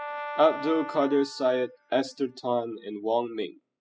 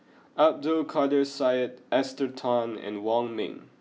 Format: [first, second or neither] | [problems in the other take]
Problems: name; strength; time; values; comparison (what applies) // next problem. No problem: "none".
second | noise reduction (classical method spectral subtraction)